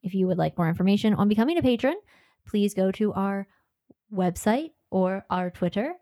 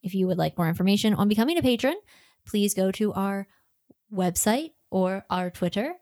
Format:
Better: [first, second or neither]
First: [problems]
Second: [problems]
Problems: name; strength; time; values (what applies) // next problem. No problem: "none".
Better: second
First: muffled; slightly; fading above 3.5 kHz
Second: none